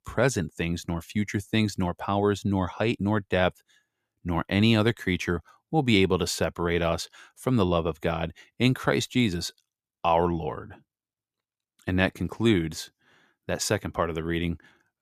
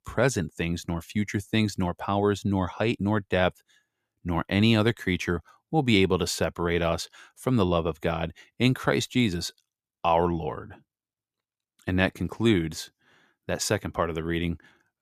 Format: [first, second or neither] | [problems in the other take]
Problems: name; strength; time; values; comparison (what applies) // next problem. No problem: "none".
neither | none